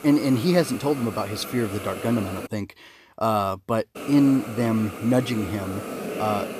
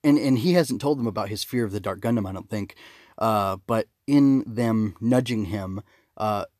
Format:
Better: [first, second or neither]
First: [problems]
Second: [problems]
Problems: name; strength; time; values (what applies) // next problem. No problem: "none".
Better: second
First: hiss; noticeable; until 2.5 s and from 4 s on; 10 dB below the speech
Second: none